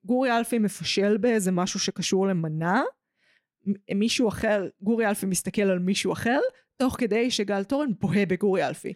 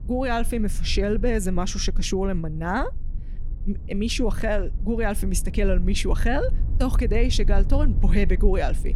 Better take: first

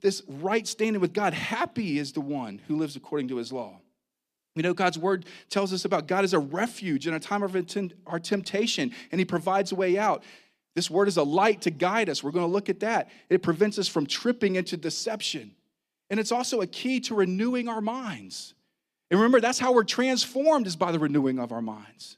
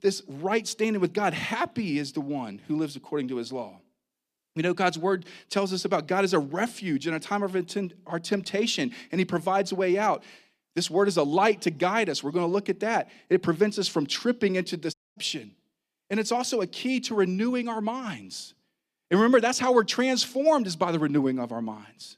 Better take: first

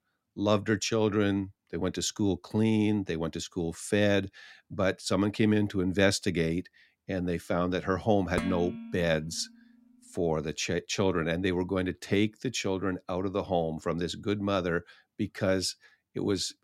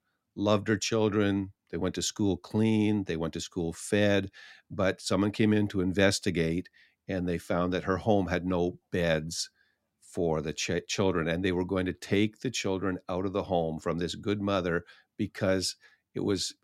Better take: second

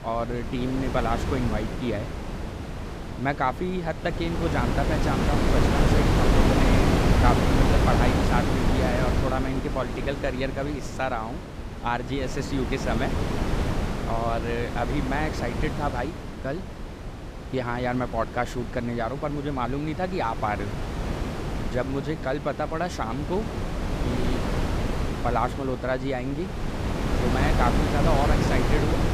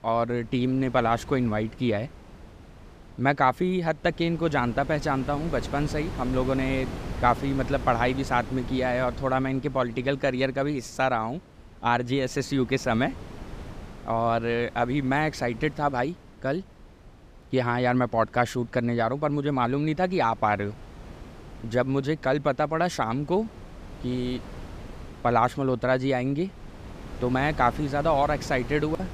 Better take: second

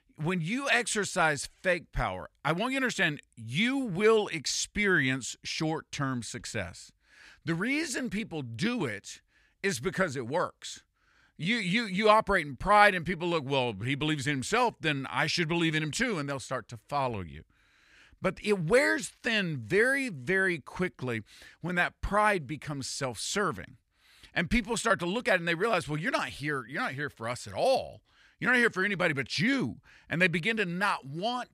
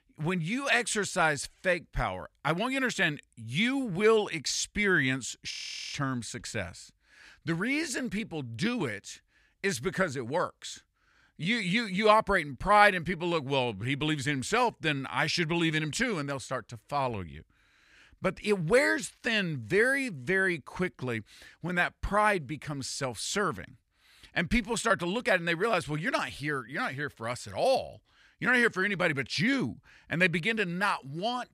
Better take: first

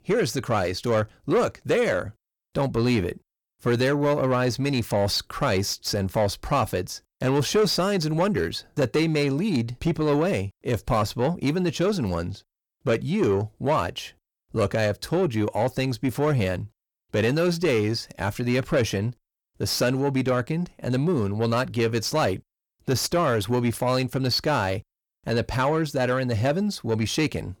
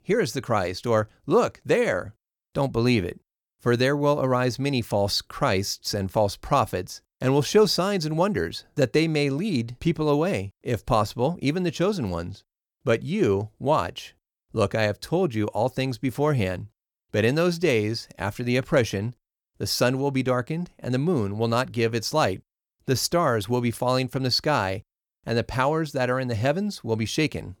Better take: second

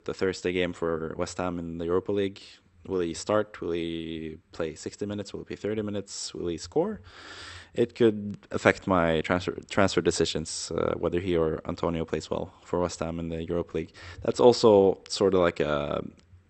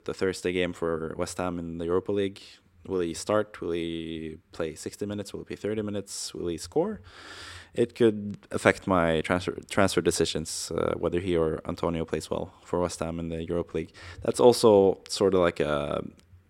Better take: second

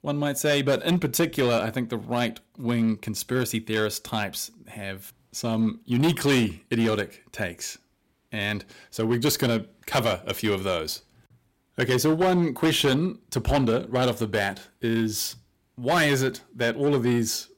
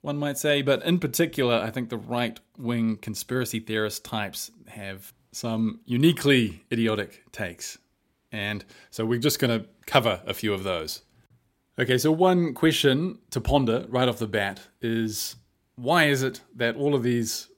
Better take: second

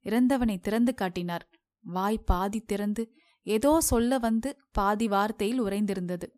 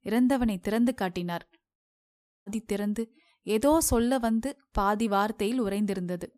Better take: first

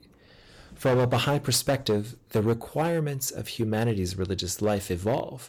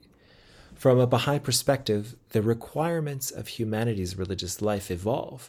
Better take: second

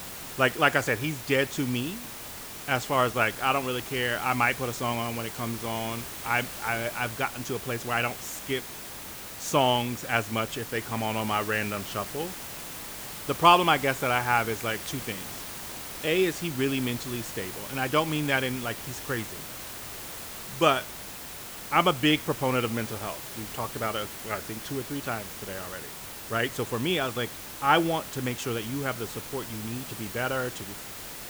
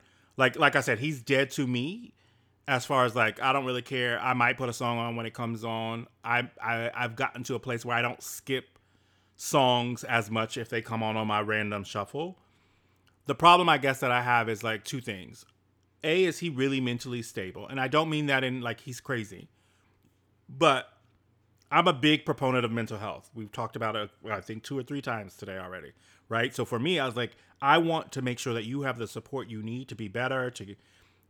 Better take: second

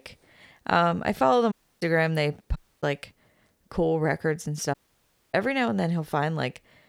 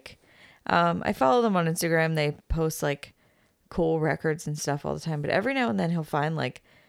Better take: second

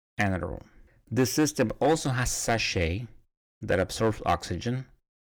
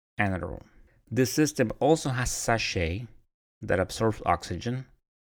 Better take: second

